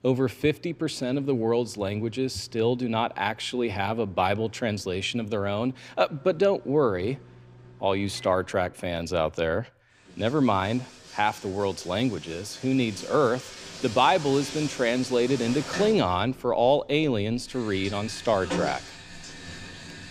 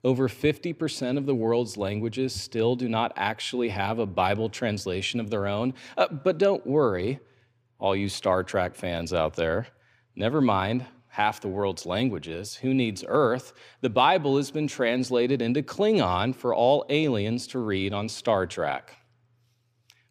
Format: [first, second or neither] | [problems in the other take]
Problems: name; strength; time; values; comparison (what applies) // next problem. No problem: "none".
second | household noises; noticeable; throughout; 15 dB below the speech